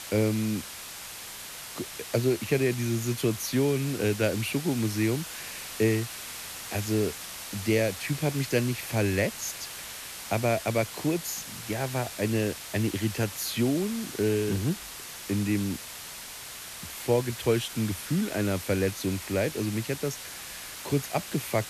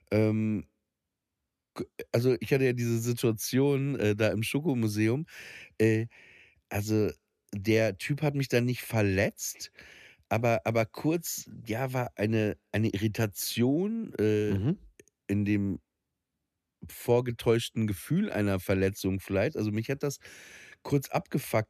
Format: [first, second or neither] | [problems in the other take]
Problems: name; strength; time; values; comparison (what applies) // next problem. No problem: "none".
second | hiss; loud; throughout; 9 dB below the speech